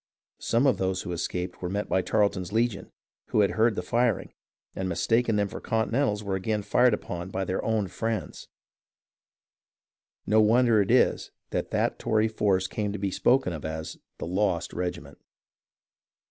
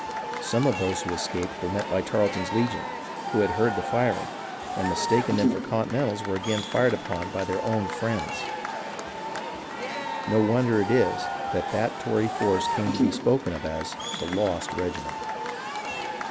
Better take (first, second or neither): first